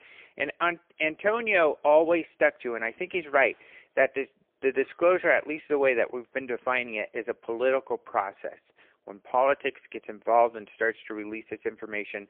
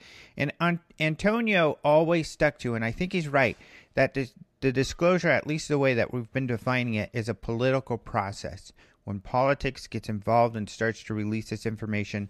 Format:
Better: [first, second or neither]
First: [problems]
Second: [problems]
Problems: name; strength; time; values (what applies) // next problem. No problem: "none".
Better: second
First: phone-call audio; poor line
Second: none